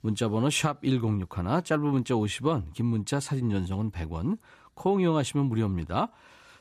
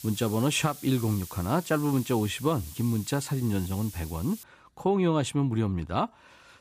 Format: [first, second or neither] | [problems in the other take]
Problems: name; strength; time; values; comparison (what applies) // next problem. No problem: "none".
first | hiss; noticeable; until 4.5 s; 15 dB below the speech